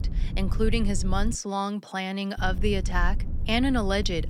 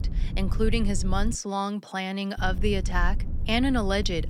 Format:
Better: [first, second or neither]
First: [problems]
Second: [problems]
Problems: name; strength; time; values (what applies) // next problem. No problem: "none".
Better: neither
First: low rumble; noticeable; until 1.5 s and from 2.5 s on; 20 dB below the speech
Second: low rumble; noticeable; until 1.5 s and from 2.5 s on; 20 dB below the speech